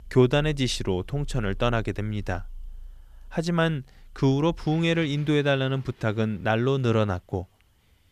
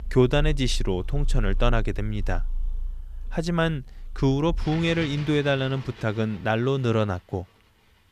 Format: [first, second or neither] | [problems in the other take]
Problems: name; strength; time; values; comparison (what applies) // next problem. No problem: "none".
first | animal sounds; loud; throughout; 9 dB below the speech; faint in the first